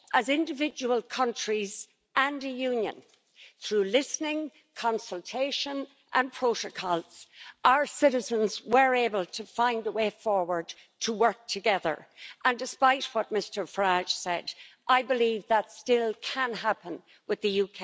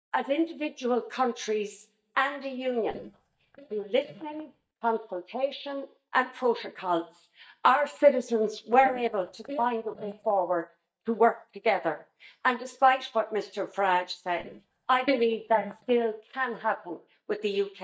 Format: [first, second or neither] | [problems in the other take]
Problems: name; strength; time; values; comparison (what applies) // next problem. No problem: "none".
first | noise reduction (neural mask model DeepFilterNet 3)